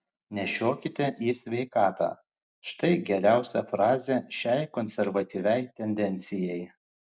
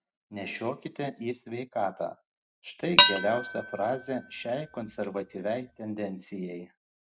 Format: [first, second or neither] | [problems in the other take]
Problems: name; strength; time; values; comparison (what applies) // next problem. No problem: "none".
first | background sound (Dishes, pots, and pans); 5 dB above the speech